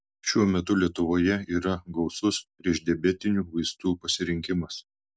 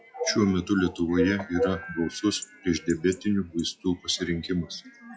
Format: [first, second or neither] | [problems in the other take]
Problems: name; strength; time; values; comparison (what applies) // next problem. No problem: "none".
first | noise reduction (classical method log-MMSE)